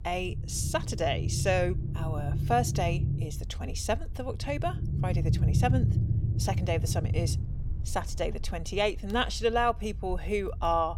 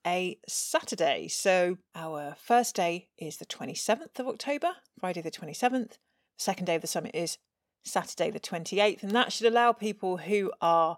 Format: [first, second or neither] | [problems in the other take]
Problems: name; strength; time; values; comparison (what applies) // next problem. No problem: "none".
second | low rumble; noticeable; throughout; 10 dB below the speech